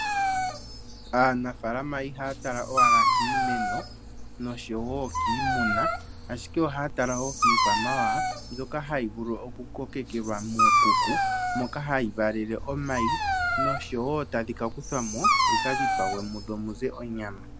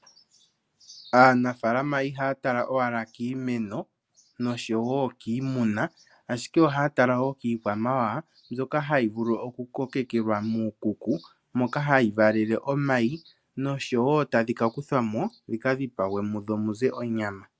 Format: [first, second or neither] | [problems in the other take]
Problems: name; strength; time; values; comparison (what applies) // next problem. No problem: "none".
second | background sound (Dog); 3 dB above the speech